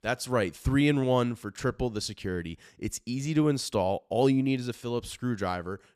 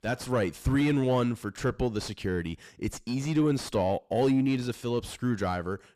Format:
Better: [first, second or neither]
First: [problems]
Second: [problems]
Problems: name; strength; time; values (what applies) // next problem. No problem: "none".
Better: first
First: none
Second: distortion; slight; 10 dB below the speech